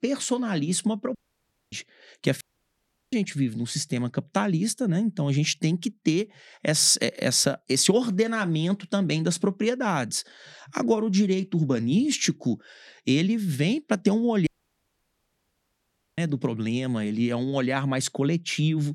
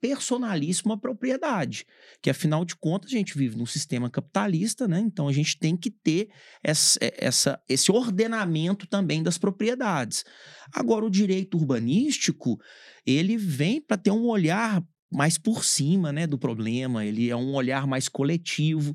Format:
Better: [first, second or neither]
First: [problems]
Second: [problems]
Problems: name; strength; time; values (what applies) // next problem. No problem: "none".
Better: second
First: audio cutting out; at 1 s for 0.5 s, at 2.5 s for 0.5 s and at 14 s for 1.5 s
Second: none